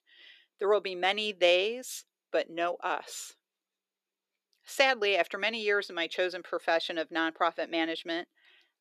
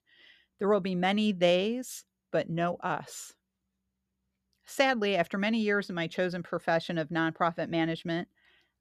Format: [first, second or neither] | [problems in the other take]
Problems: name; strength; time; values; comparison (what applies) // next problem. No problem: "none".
second | thin; very; fading below 350 Hz